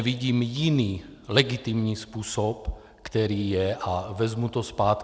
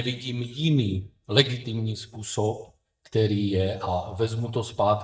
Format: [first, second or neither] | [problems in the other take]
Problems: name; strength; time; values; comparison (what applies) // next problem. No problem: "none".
first | noise reduction (neural mask model DeepFilterNet 3)